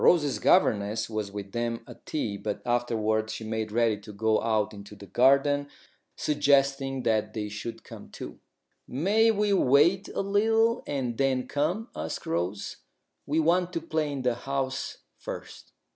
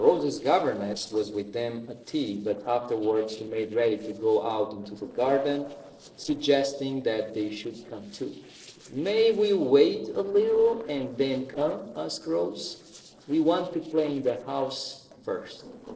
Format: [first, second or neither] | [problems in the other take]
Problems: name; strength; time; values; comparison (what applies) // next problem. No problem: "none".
first | noise reduction (neural separator model SepFormer DNS4)